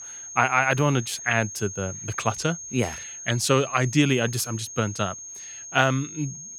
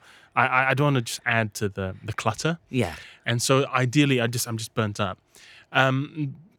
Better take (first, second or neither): second